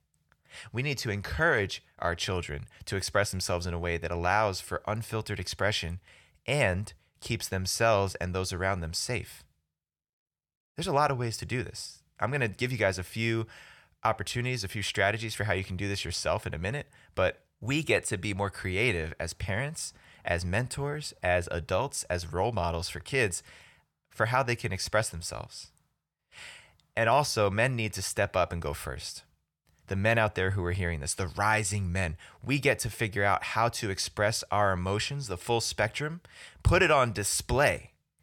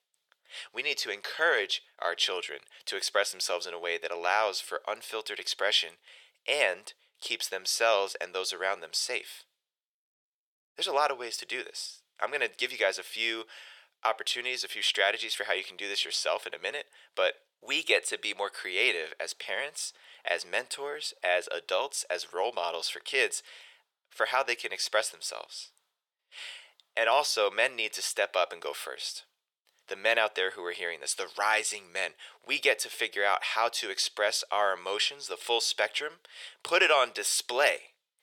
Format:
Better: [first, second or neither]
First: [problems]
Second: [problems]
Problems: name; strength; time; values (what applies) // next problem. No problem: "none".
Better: first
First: none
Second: thin; very; fading below 450 Hz